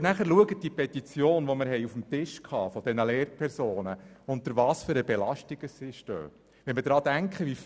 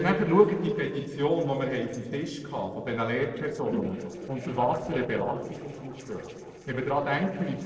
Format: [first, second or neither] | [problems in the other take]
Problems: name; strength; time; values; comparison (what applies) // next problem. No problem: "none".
first | noise reduction (neural separator model SepFormer DNS4)